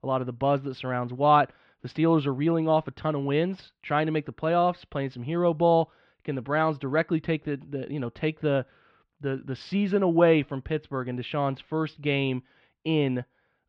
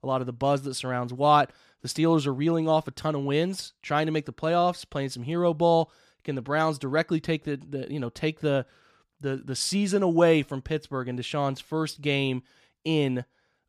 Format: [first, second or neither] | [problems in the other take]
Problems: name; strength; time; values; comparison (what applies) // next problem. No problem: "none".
second | muffled; very; fading above 3 kHz